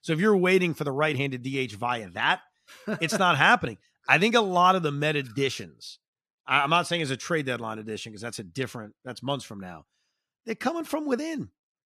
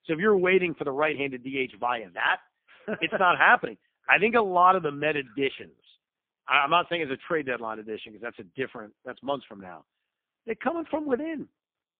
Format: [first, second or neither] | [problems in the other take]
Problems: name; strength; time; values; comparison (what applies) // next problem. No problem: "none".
first | phone-call audio; poor line